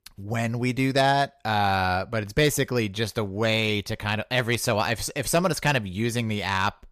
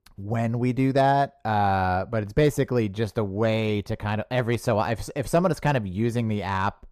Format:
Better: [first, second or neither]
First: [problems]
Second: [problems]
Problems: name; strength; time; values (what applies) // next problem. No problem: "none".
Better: first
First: none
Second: muffled; slightly; fading above 1.5 kHz